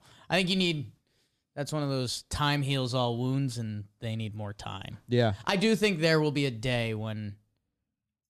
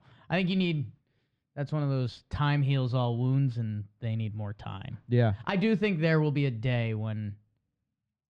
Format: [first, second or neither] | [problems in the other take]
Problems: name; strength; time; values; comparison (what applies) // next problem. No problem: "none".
first | muffled; slightly; fading above 2.5 kHz